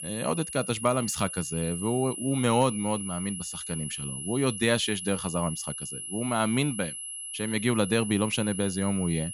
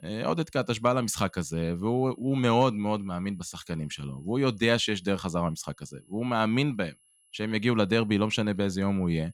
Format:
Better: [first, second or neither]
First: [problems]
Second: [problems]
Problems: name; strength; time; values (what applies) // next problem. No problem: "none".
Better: second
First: high-pitched whine; loud; throughout; 11 kHz, 6 dB below the speech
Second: high-pitched whine; faint; throughout; 11 kHz, 35 dB below the speech